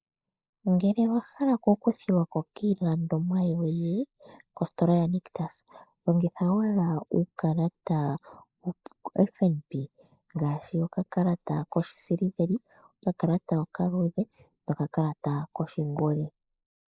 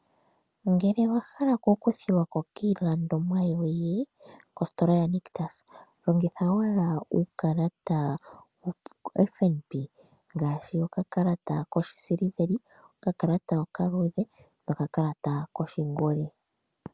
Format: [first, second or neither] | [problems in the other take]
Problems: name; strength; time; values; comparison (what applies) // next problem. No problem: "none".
second | noise reduction (neural mask model Resemble Enhance denoiser)